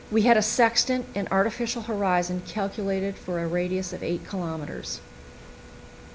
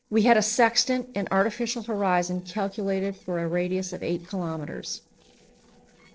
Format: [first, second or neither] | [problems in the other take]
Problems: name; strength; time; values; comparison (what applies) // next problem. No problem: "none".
first | noise reduction (neural separator model SepFormer DNS4)